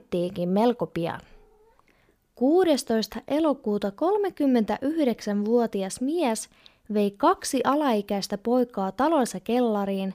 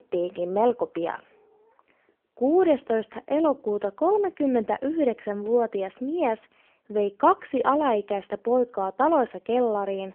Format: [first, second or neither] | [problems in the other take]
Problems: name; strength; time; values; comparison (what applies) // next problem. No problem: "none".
first | phone-call audio; poor line